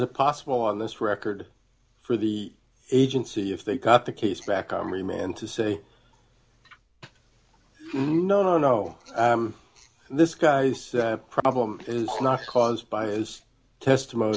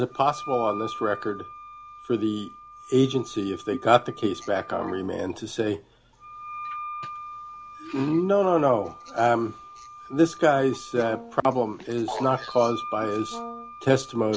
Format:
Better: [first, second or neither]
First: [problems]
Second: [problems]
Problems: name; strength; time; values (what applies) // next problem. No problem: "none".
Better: first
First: none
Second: background sound (Brass instrument + Wind instrument, woodwind instrument); 14 dB below the speech